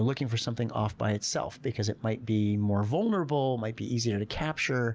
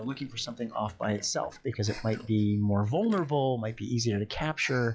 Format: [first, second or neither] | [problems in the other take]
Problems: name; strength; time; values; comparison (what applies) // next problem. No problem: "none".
first | noise reduction (classical method log-MMSE)